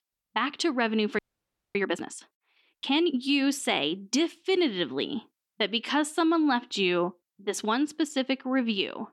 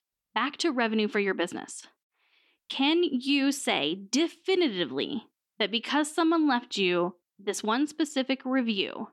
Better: second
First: audio freezing; at 1 s for 0.5 s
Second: none

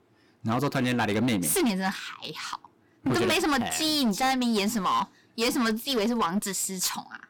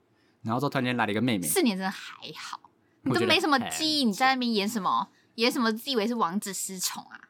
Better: second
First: distortion; heavy; 14% of the sound clipped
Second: none

